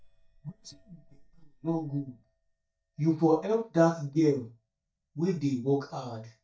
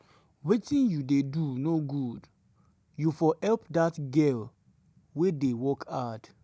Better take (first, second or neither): second